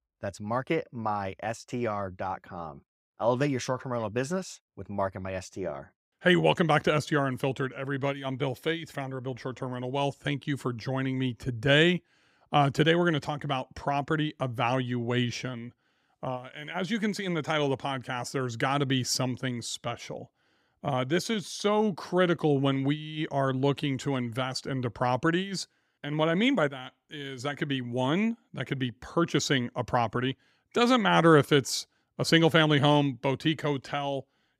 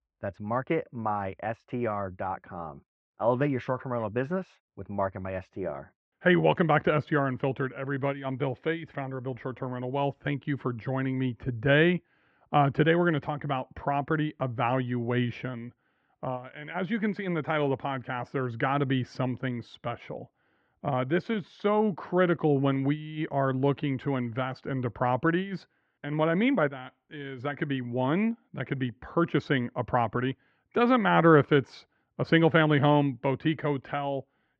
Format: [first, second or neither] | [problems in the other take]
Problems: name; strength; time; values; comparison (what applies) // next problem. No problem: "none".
first | muffled; very; fading above 2.5 kHz